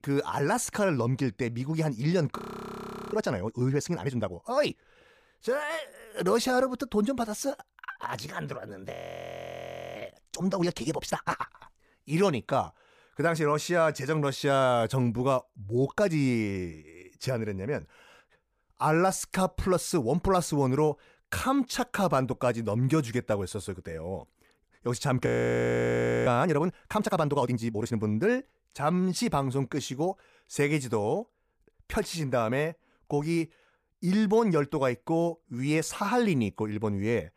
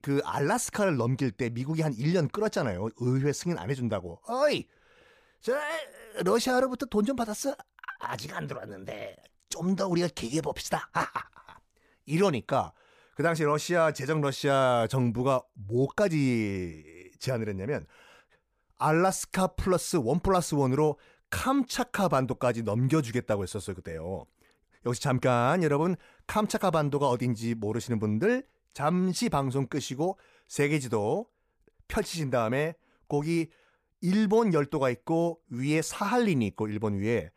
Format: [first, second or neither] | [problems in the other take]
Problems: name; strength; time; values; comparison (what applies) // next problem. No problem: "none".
second | audio freezing; at 2.5 s for 0.5 s, at 9 s for 1 s and at 25 s for 1 s